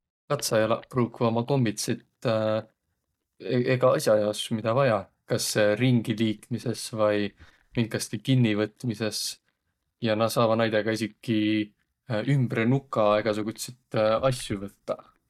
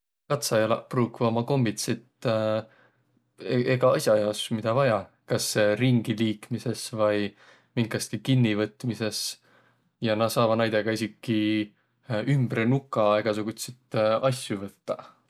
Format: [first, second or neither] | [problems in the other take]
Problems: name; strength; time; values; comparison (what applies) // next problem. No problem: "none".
second | noise reduction (neural mask model DeepFilterNet 3)